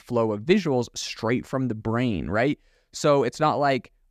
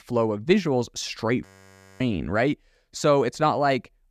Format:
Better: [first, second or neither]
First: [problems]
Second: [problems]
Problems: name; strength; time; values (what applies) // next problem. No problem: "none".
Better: first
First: none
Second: audio freezing; at 1.5 s for 0.5 s